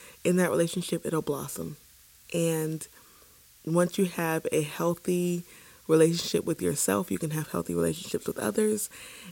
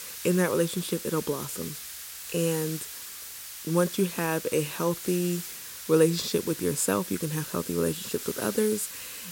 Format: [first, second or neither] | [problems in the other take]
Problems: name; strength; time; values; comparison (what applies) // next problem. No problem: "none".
first | hiss; loud; throughout; 9 dB below the speech; faint in the first